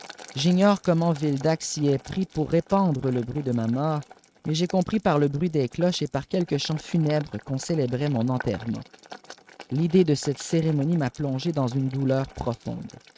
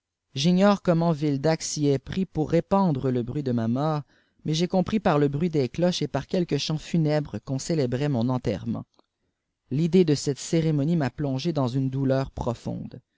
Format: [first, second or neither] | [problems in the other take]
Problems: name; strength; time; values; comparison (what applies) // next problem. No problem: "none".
second | noise reduction (neural mask model RNNoise)